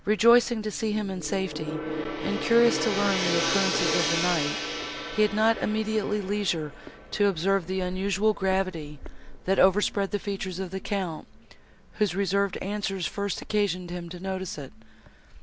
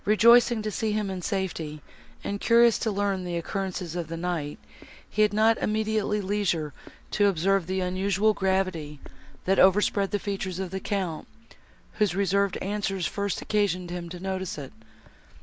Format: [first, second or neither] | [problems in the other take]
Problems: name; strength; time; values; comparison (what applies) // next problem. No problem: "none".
second | background sound (Gong); 8 dB below the speech